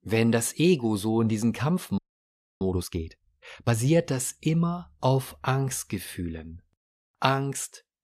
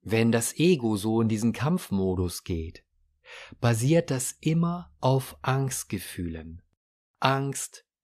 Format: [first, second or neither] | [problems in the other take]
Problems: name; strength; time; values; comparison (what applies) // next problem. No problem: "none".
second | audio freezing; at 2 s for 0.5 s